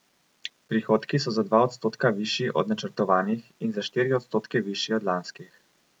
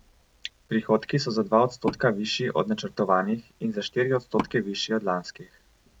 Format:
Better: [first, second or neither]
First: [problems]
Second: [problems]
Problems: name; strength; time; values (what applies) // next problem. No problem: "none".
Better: first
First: none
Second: background sound (Wood); 13 dB below the speech